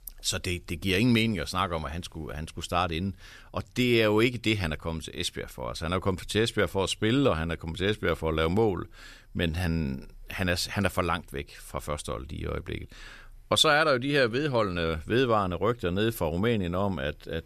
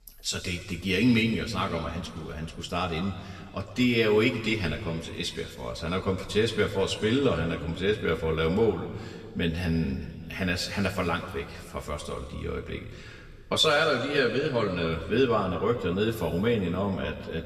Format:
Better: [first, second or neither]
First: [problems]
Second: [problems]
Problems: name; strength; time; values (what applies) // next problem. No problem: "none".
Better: first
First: none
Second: room echo; slight; dies away in 2 s // off-mic speech; somewhat distant